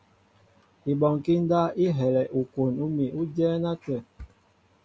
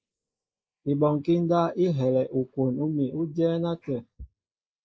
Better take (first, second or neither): first